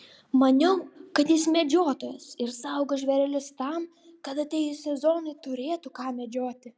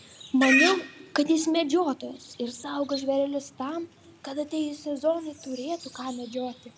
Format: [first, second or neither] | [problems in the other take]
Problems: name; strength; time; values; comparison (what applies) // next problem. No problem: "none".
first | background sound (Livestock, farm animals, working animals); 7 dB below the speech